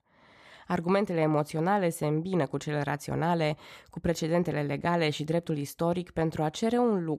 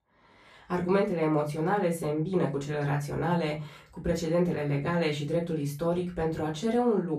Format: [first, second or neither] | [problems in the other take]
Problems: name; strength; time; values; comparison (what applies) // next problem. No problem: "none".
first | off-mic speech; far // room echo; very slight; dies away in 0.3 s